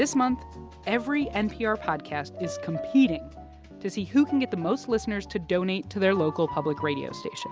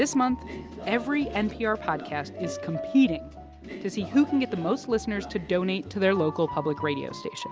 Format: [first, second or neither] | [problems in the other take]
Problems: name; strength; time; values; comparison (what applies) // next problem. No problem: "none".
first | background sound (Train); 16 dB below the speech